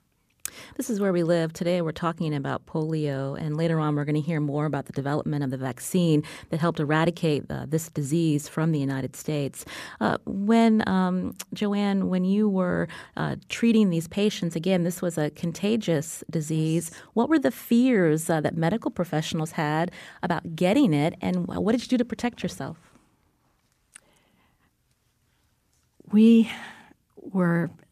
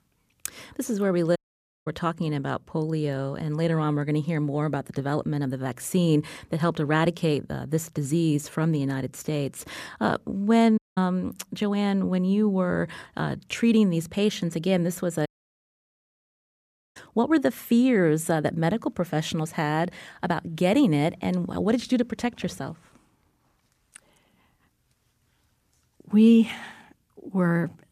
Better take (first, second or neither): first